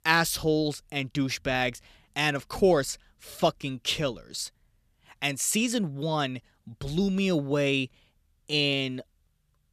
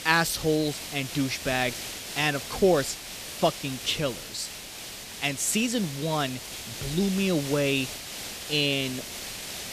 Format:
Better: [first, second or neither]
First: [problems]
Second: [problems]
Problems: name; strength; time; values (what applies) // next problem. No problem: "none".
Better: first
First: none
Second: hiss; loud; throughout; 9 dB below the speech